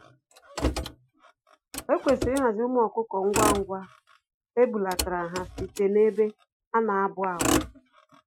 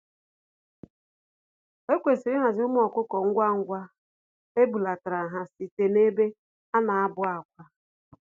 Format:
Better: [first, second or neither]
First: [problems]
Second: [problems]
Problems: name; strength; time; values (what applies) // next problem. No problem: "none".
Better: second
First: noise reduction (classical method Wiener filter)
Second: none